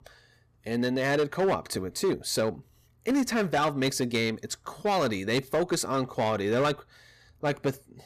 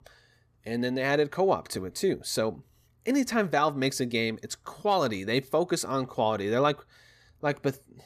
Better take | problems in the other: second | distortion; slight; 7% of the sound clipped

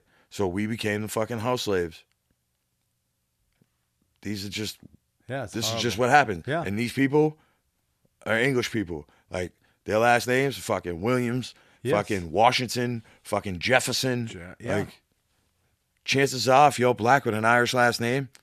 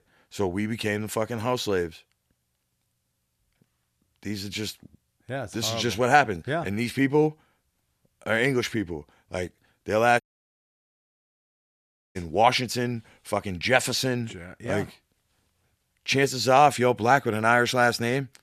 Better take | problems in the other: first | audio cutting out; at 10 s for 2 s

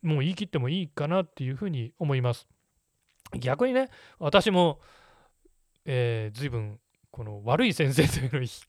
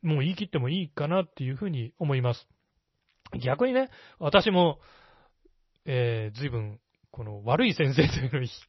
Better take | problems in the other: first | garbled, watery; slightly; nothing above 6 kHz

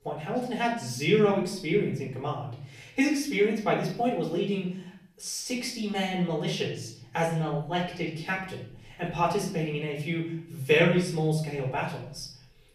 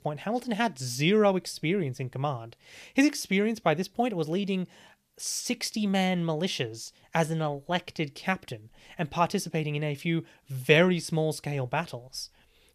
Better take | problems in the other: second | off-mic speech; far // room echo; noticeable; dies away in 0.6 s

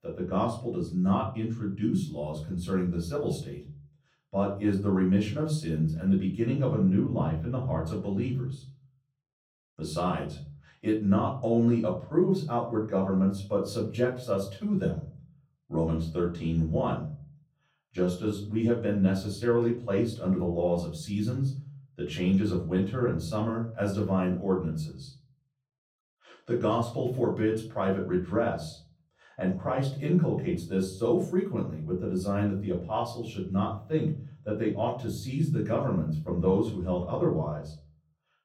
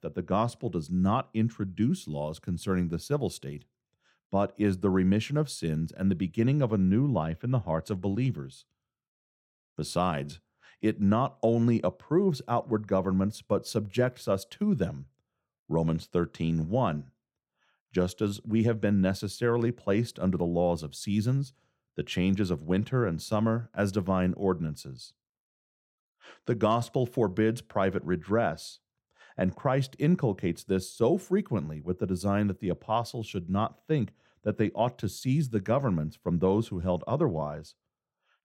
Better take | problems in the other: second | room echo; slight; dies away in 0.4 s // off-mic speech; far

